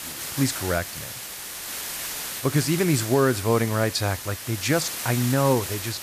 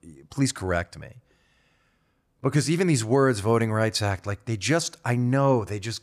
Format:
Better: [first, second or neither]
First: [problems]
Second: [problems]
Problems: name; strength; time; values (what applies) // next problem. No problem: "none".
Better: second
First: hiss; loud; throughout; 7 dB below the speech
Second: none